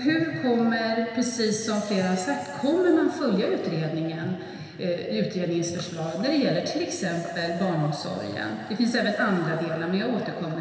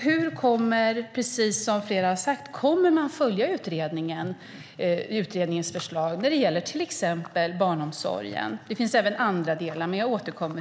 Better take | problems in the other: second | room echo; dies away in 2.5 s

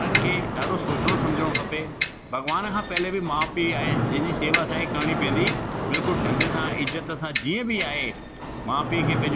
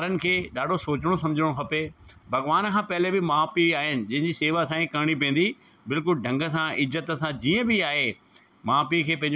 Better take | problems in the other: second | background sound (Clock + Mechanisms); 1 dB above the speech

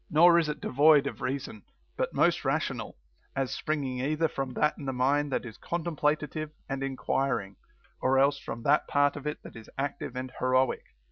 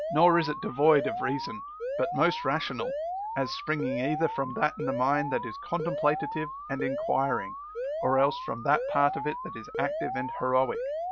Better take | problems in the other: first | background sound (Alarm); 5 dB below the speech

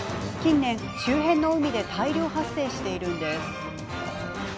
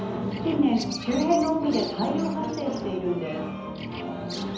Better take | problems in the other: first | background sound (Bird vocalization, bird call, bird song); 17 dB below the speech // room echo; dies away in 2.2 s

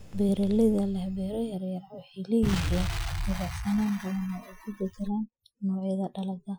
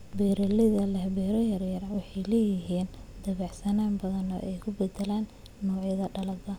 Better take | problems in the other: second | noise reduction (classical method Wiener filter)

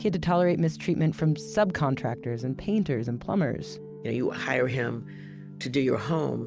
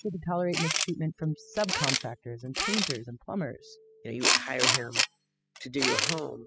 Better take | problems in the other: first | noise reduction (classical method spectral subtraction)

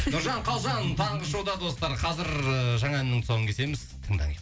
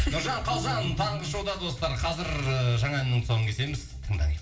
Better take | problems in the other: first | background sound (Plucked string instrument); 17 dB below the speech // room echo; dies away in 0.7 s

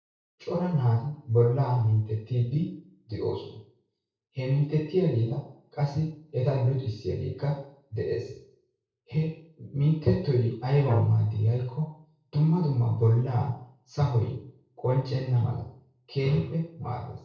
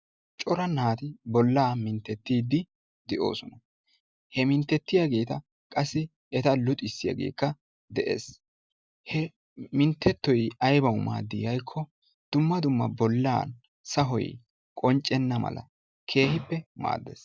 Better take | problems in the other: second | noise reduction (neural separator model SepFormer DNS4)

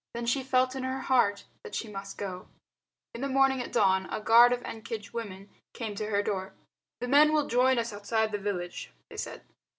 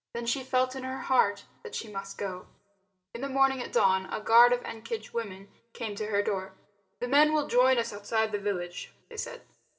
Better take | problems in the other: first | room echo; dies away in 0.4 s

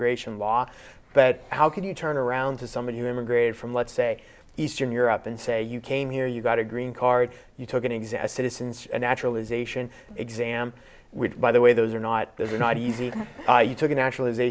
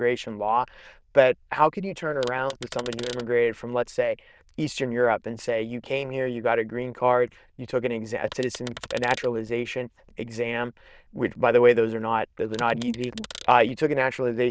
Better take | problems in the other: first | noise reduction (neural diffusion model UNIVERSE++)

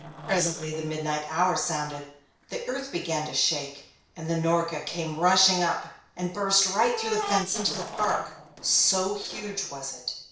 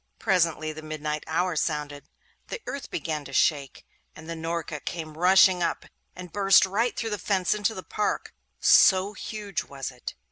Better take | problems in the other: second | noise reduction (neural separator model SepFormer DNS4)

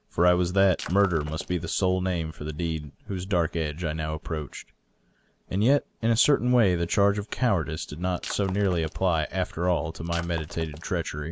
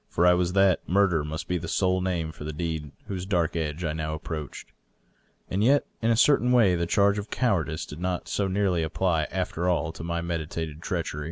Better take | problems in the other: second | background sound (Shatter); 16 dB below the speech

